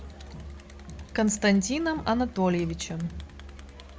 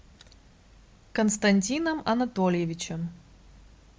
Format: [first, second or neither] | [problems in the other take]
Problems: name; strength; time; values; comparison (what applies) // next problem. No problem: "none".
second | background sound (Crowd + Musical instrument); 14 dB below the speech